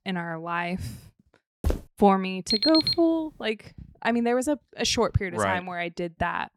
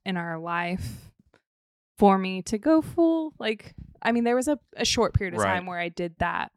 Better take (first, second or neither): second